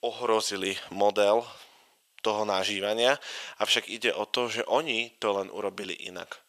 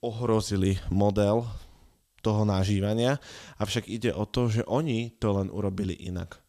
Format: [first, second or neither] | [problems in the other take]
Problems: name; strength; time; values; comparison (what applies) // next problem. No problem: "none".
second | thin; very; fading below 600 Hz